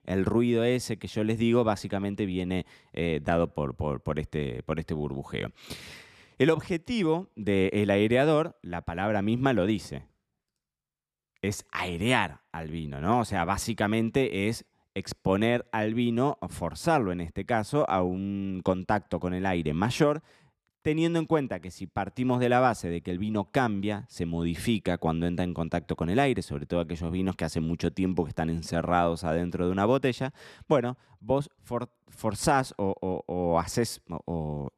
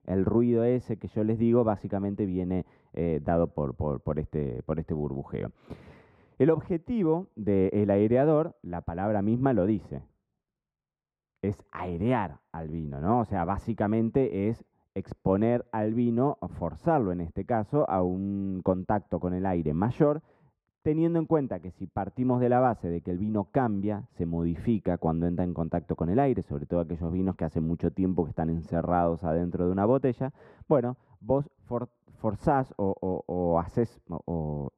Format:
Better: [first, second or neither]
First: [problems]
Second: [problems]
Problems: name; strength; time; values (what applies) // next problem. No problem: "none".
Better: first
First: none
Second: muffled; very; fading above 2 kHz